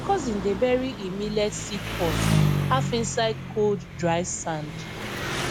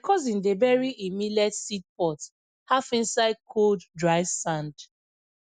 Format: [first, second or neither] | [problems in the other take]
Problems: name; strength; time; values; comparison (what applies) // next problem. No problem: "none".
second | background sound (Engine); 1 dB below the speech